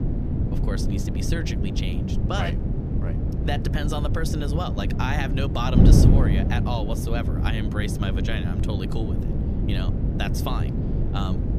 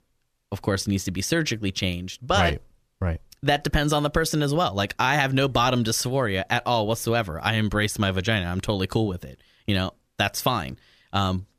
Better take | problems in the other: second | wind noise on the microphone; heavy; 2 dB below the speech

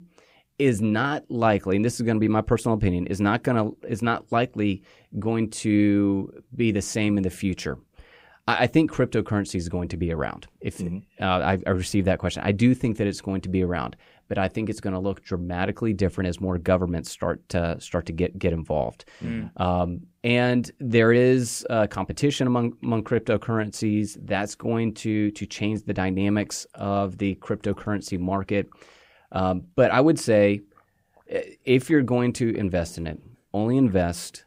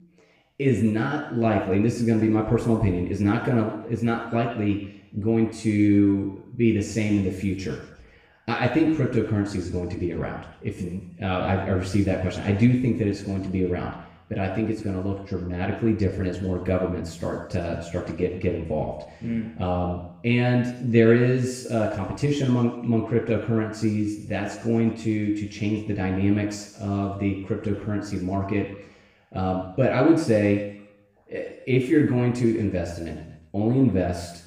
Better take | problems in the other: first | room echo; noticeable; dies away in 0.8 s // off-mic speech; far

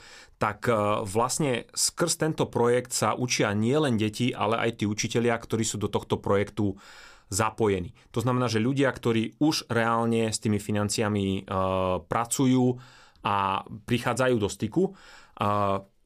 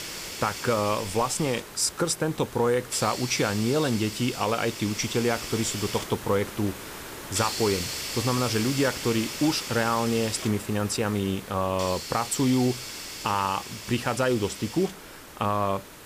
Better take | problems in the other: first | hiss; loud; throughout; 8 dB below the speech

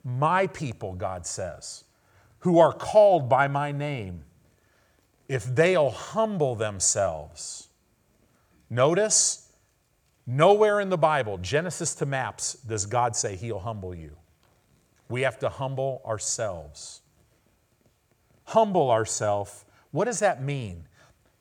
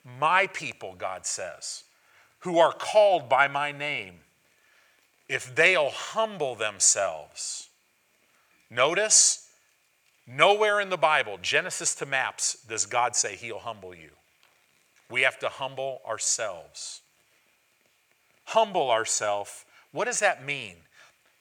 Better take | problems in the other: first | thin; somewhat; fading below 1 kHz

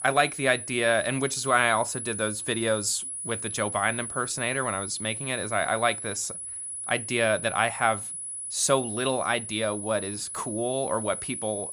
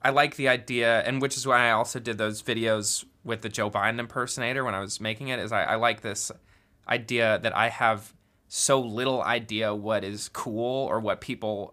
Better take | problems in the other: second | high-pitched whine; loud; throughout; 10 kHz, 6 dB below the speech

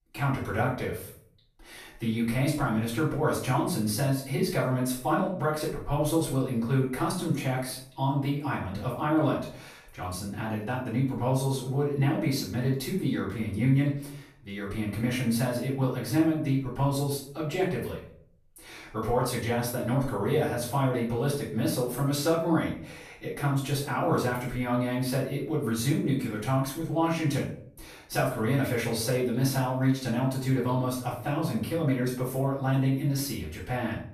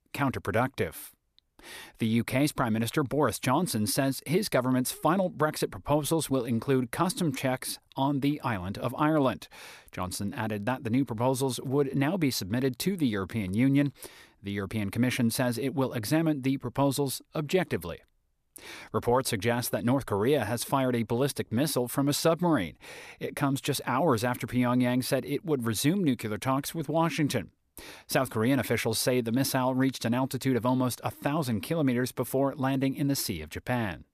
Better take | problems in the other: second | room echo; noticeable; dies away in 0.5 s // off-mic speech; far

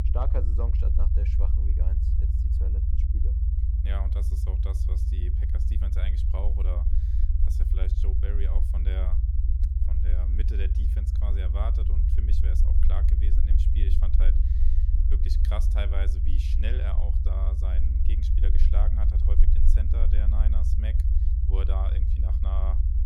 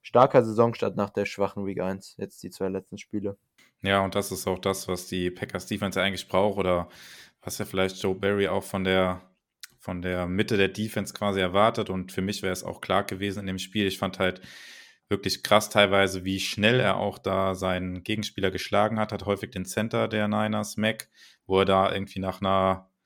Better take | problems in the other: second | low rumble; loud; throughout; 2 dB below the speech

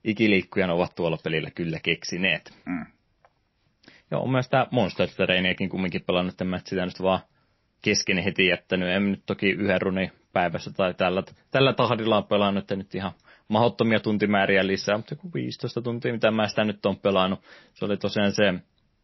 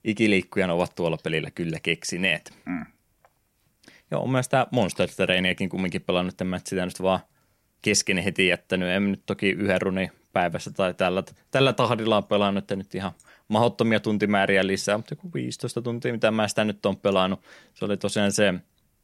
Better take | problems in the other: second | garbled, watery; slightly; nothing above 6 kHz

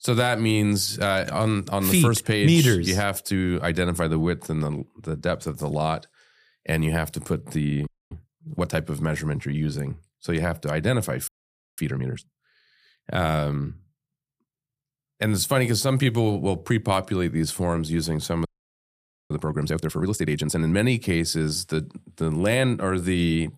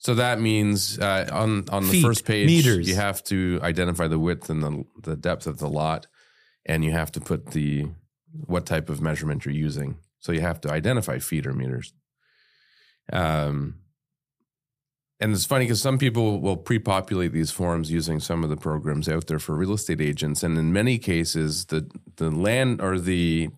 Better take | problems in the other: second | audio freezing; at 8 s, at 11 s for 0.5 s and at 18 s for 1 s

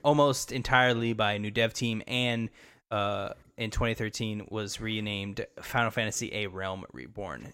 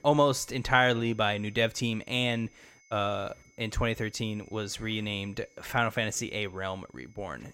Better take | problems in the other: first | high-pitched whine; faint; throughout; 2 kHz, 30 dB below the speech

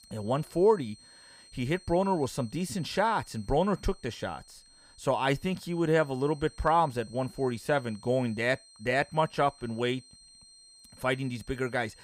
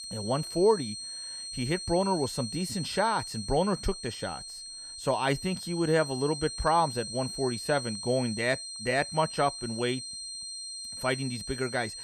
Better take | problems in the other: first | high-pitched whine; loud; throughout; 4 kHz, 7 dB below the speech; faint in the first

